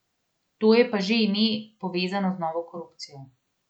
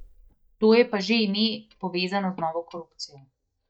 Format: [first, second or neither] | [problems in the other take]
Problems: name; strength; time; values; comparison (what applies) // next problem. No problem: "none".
first | noise reduction (neural mask model DeepFilterNet 3)